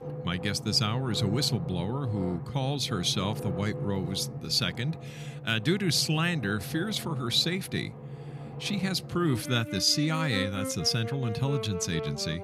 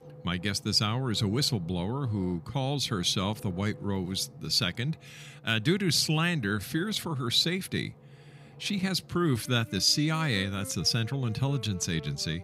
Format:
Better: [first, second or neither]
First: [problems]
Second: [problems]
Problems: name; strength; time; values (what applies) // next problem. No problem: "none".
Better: second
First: background music; loud; throughout; 9 dB below the speech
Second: background music; faint; throughout; 20 dB below the speech